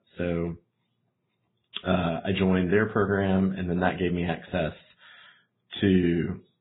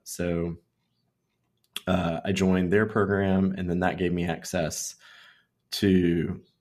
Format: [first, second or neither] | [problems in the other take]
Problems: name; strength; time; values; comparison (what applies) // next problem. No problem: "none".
second | garbled, watery; badly; nothing above 4 kHz